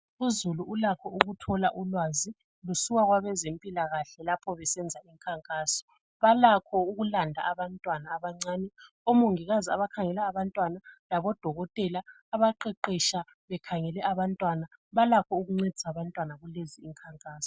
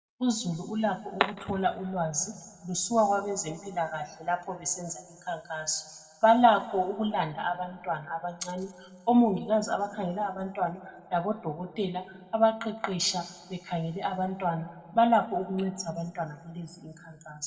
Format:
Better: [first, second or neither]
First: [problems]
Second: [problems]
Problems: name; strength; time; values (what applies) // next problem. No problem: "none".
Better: first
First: none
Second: room echo; dies away in 1.3 s